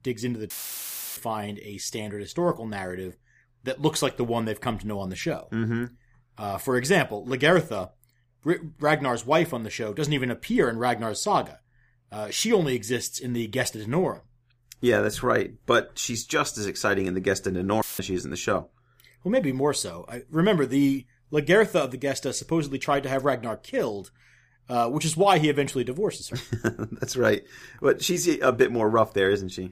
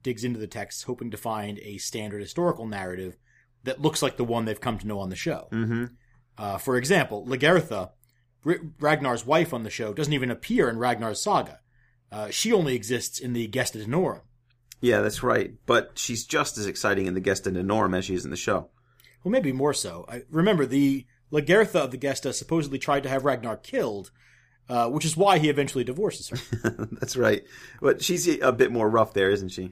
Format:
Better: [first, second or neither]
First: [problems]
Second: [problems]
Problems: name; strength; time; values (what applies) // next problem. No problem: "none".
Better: second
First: audio cutting out; filled with static; at 0.5 s for 0.5 s and at 18 s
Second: none